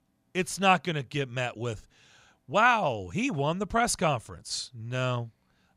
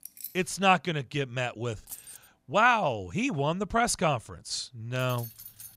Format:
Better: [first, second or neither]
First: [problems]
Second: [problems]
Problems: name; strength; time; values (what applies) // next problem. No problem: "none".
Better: first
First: none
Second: jangling keys; faint; at the start, at 2 s and at 5 s; peak 15 dB below the speech